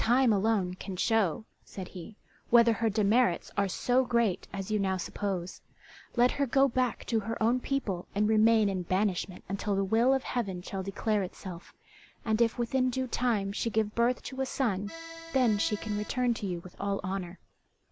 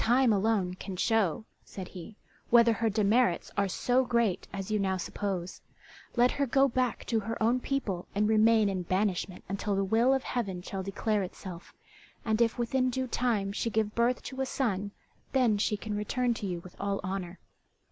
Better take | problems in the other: second | background sound (Accordion); 15 dB below the speech

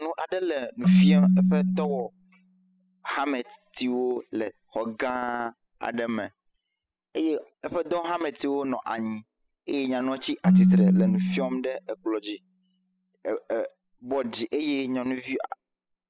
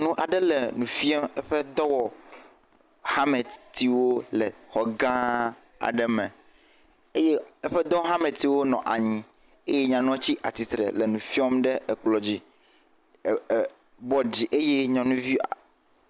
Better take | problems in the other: second | noise reduction (classical method spectral subtraction)

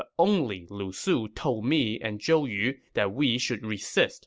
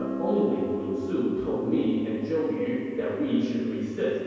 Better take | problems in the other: first | background sound (Guitar); 10 dB below the speech // room echo; dies away in 2.2 s

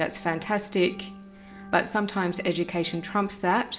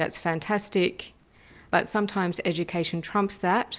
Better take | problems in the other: second | background sound (Organ); 16 dB below the speech // room echo; dies away in 0.5 s

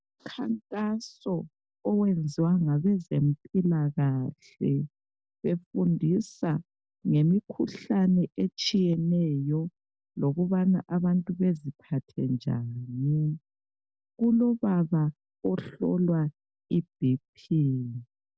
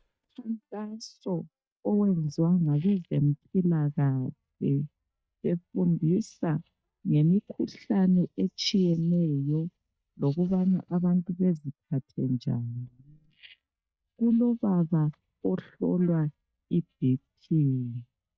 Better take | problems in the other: first | noise reduction (neural mask model DeepFilterNet 3)

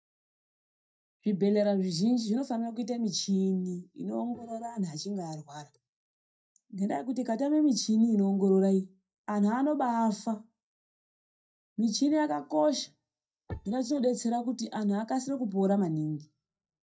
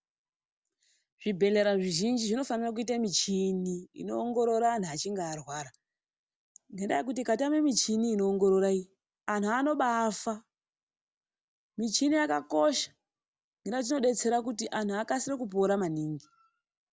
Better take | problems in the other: second | noise reduction (neural mask model DeepFilterNet 3)

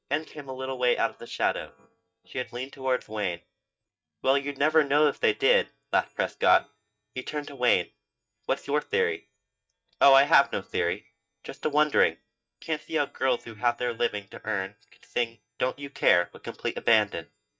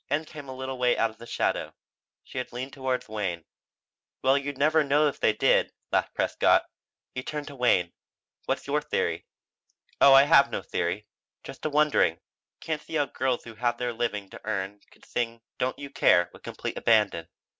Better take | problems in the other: second | noise reduction (neural mask model DeepFilterNet 3)

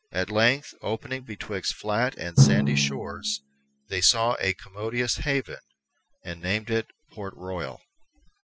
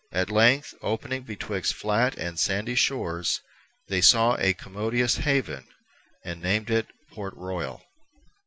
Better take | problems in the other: second | noise reduction (classical method spectral subtraction)

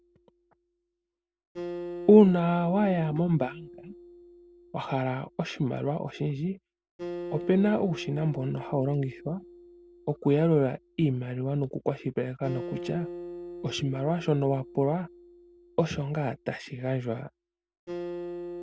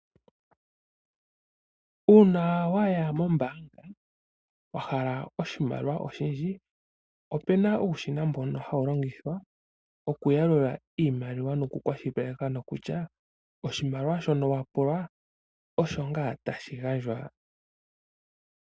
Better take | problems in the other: second | background sound (Acoustic guitar); 14 dB below the speech

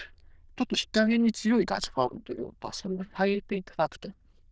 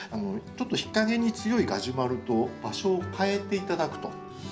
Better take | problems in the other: second | noise reduction (neural diffusion model UNIVERSE++)

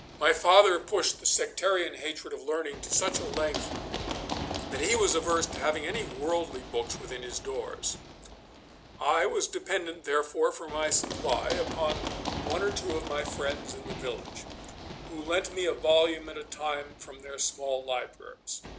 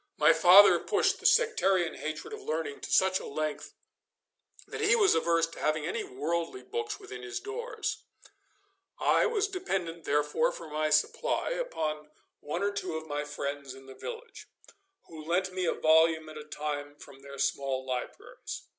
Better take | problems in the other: second | background sound (Run); 10 dB below the speech

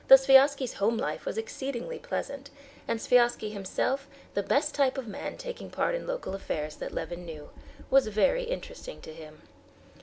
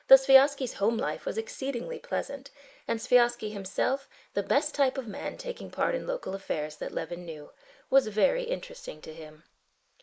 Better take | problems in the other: first | noise reduction (neural mask model Resemble Enhance denoiser)

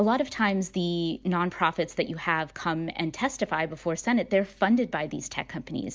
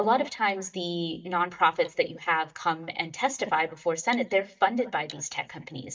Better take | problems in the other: first | noise reduction (neural mask model DeepFilterNet 3)

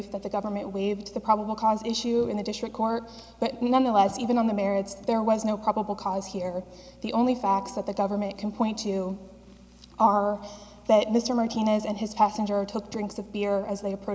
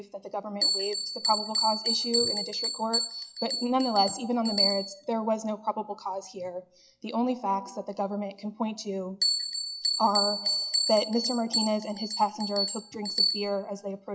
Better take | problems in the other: first | noise reduction (classical method log-MMSE)

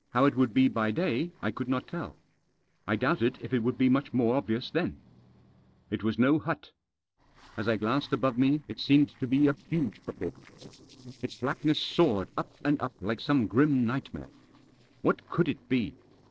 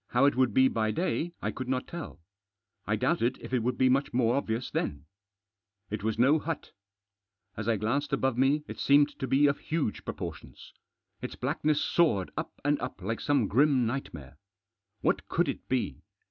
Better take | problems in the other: second | noise reduction (neural separator model SepFormer DNS4)

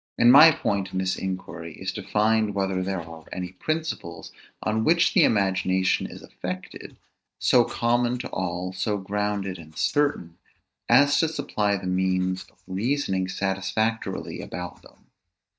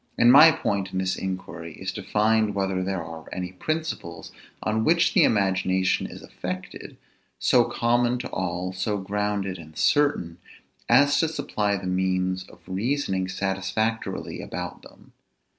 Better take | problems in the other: second | noise reduction (neural mask model DeepFilterNet 3)

